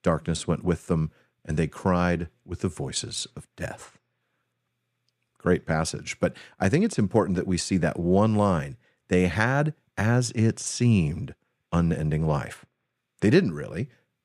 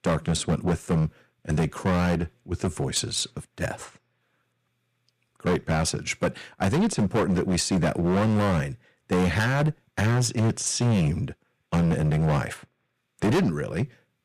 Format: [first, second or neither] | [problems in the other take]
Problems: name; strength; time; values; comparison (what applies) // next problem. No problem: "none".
first | distortion; heavy; 12% of the sound clipped